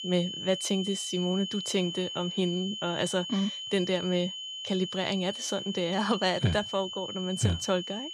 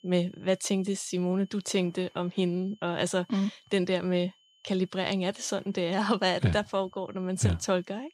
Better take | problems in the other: second | high-pitched whine; loud; throughout; 3 kHz, 6 dB below the speech; faint in the second

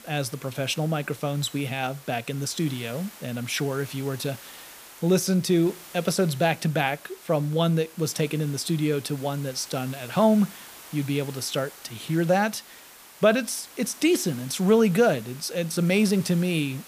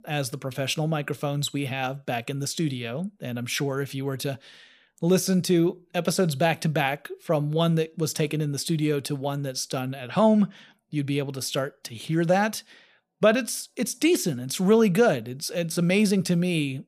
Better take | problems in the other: second | hiss; noticeable; throughout; 20 dB below the speech

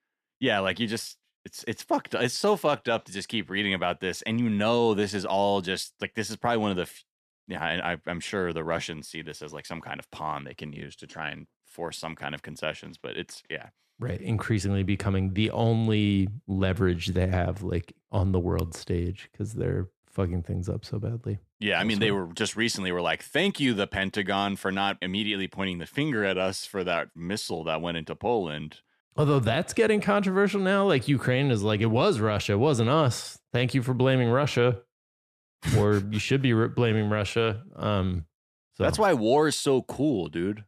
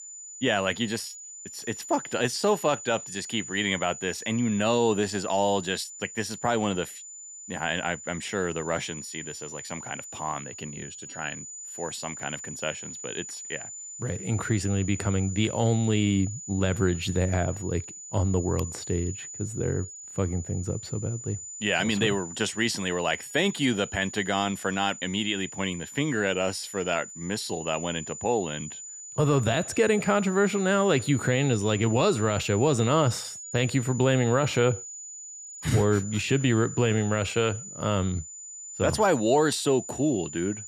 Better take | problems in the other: first | high-pitched whine; noticeable; throughout; 7 kHz, 10 dB below the speech

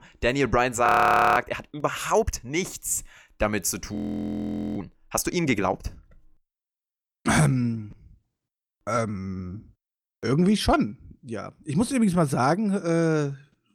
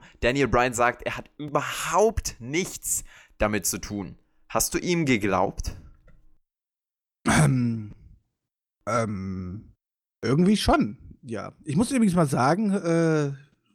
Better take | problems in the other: second | audio freezing; at 1 s for 0.5 s and at 4 s for 1 s

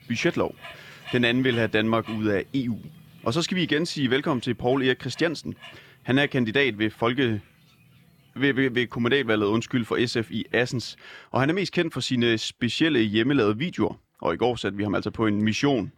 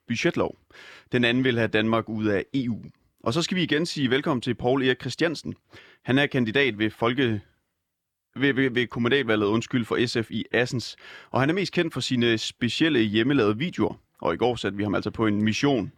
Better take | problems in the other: second | animal sounds; faint; until 11 s; 20 dB below the speech

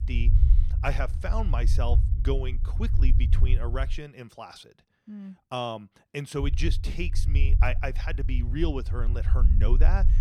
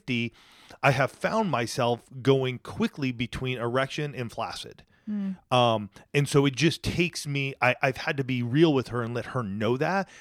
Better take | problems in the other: second | low rumble; noticeable; until 4 s and from 6.5 s on; 10 dB below the speech

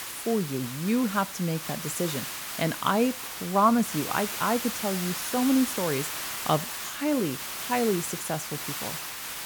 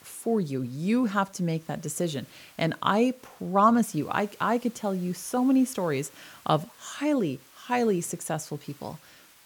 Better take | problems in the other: second | hiss; loud; throughout; 5 dB below the speech; faint in the second

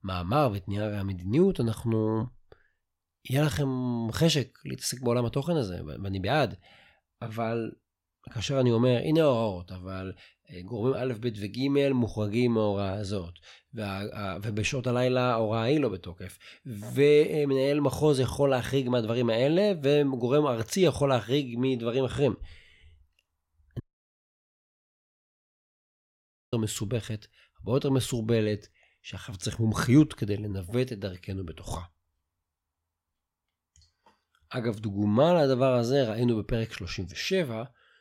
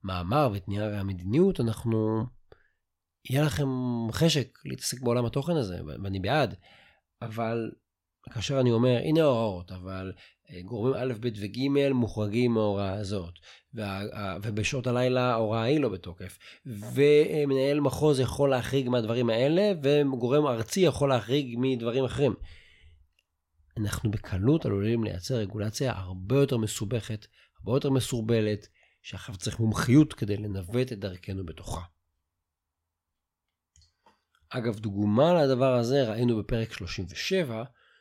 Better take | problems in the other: second | audio cutting out; at 24 s for 2.5 s

